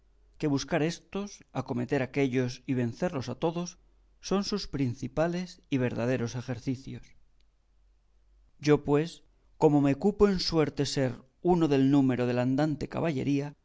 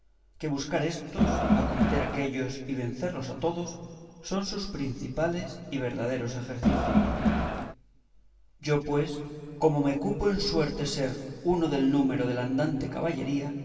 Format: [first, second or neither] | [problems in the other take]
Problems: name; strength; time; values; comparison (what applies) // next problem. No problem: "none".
first | background sound (Crowd); 4 dB above the speech // room echo; dies away in 2.7 s